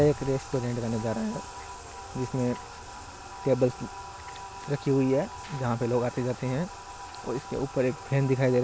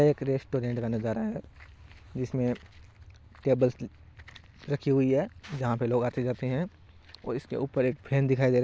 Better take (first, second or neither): second